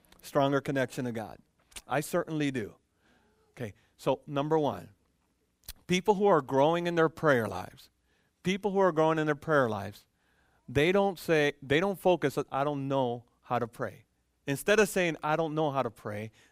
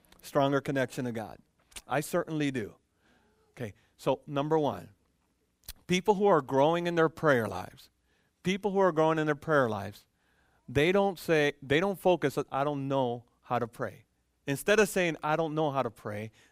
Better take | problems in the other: neither | none

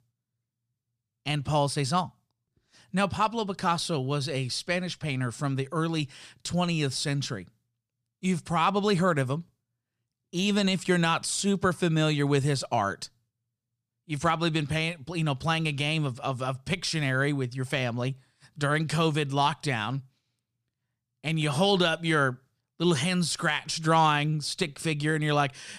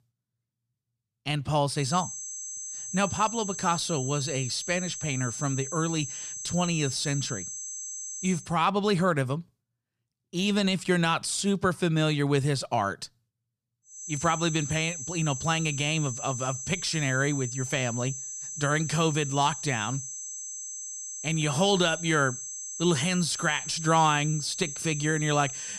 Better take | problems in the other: first | high-pitched whine; loud; from 2 to 8.5 s and from 14 s on; 6 kHz, 7 dB below the speech

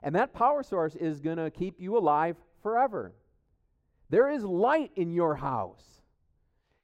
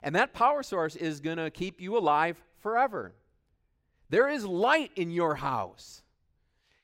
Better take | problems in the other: second | muffled; slightly; fading above 1.5 kHz

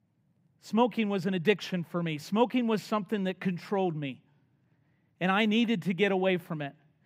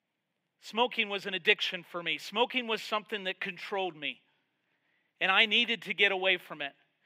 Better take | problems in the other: first | thin; somewhat; fading below 400 Hz

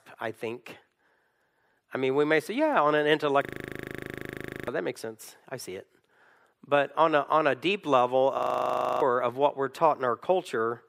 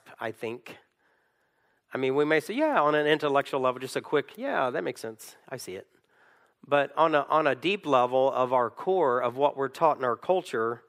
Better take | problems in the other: second | audio freezing; at 3.5 s for 1 s and at 8.5 s for 0.5 s

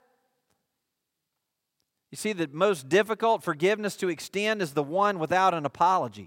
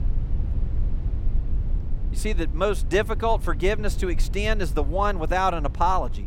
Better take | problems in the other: first | low rumble; faint; throughout; 20 dB below the speech

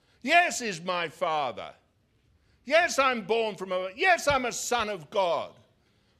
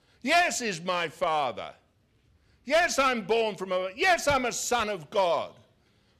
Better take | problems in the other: first | distortion; slight; 2% of the sound clipped

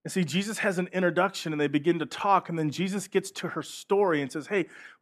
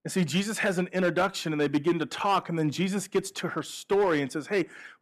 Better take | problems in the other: first | distortion; slight; 4% of the sound clipped

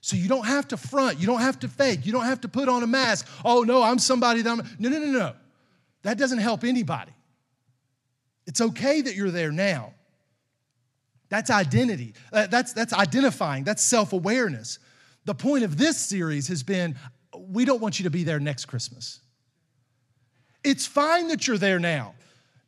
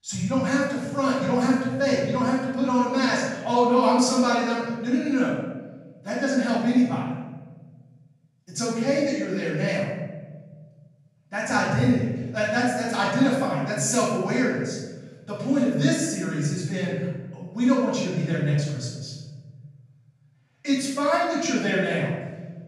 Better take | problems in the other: first | off-mic speech; far // room echo; strong; dies away in 1.3 s

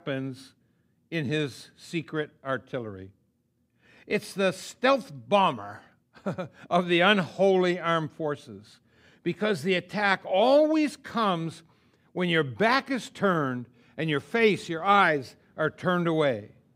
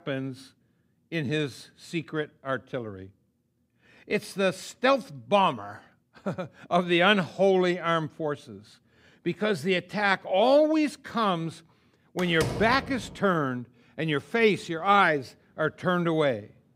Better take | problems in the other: first | door banging; noticeable; at 12 s; peak 6 dB below the speech

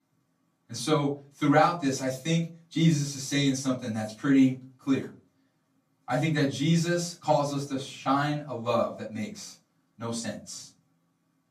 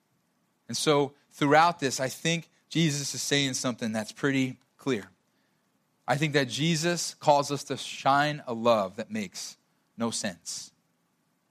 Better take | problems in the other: second | off-mic speech; far // room echo; slight; dies away in 0.3 s

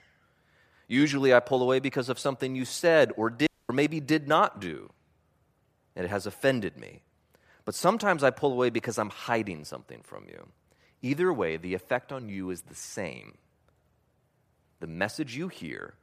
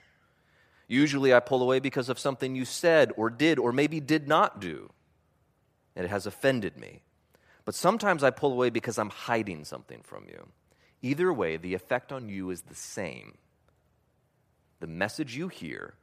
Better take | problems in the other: second | audio cutting out; at 3.5 s

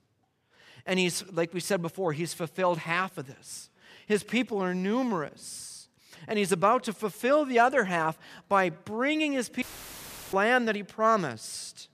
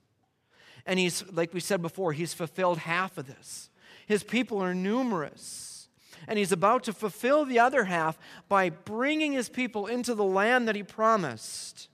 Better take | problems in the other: second | audio cutting out; filled with static; at 9.5 s for 0.5 s

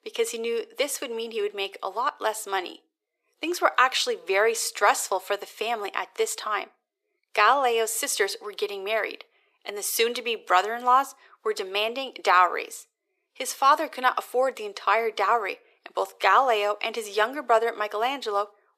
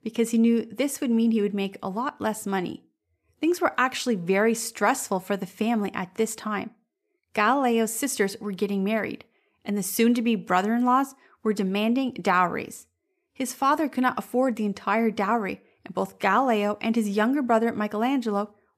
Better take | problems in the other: second | thin; very; fading below 400 Hz

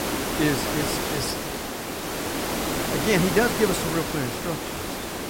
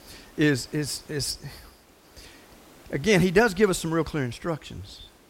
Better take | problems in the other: second | hiss; loud; throughout; 1 dB below the speech; faint in the second

